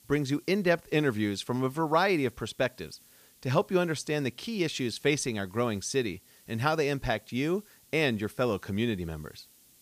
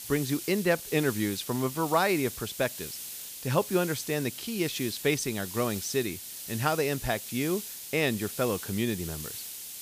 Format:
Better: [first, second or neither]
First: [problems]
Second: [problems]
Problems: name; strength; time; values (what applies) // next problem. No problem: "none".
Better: first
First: hiss; faint; throughout; 25 dB below the speech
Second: hiss; loud; throughout; 8 dB below the speech